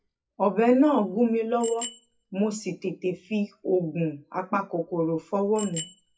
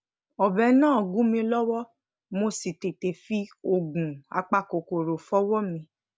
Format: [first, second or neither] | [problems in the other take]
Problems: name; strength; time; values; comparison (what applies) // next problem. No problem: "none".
second | noise reduction (classical method WPE with log-MMSE)